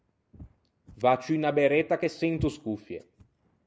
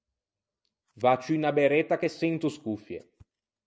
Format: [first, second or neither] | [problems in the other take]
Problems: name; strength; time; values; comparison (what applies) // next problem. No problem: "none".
second | background sound (Walk, footsteps); 16 dB below the speech